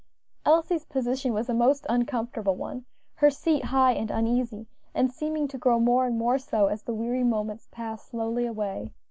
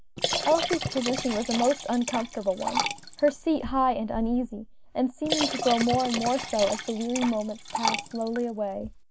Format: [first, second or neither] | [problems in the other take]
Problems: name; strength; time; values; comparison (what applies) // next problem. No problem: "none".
first | background sound (Liquid); 5 dB below the speech